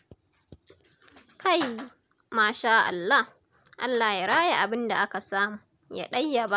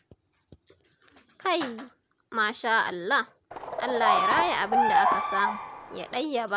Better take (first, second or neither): first